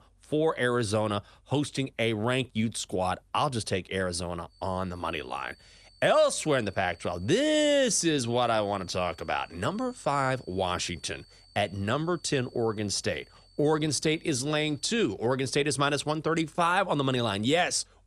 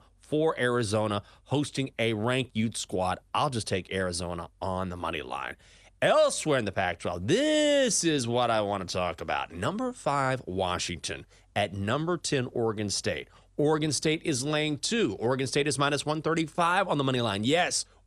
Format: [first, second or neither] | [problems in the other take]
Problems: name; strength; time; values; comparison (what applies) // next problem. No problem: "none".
second | high-pitched whine; faint; from 4.5 to 15 s; 4.5 kHz, 30 dB below the speech